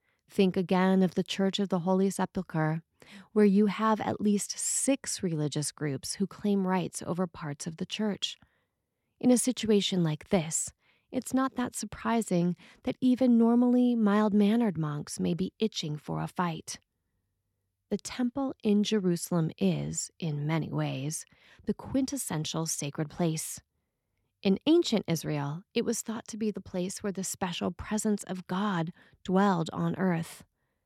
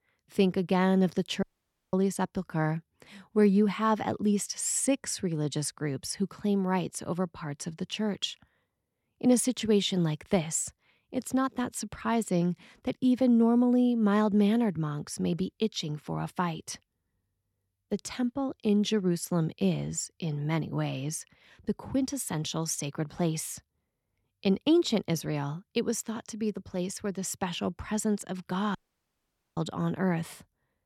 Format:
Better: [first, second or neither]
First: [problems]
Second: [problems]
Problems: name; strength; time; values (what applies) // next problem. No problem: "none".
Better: first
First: none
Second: audio cutting out; at 1.5 s for 0.5 s and at 29 s for 1 s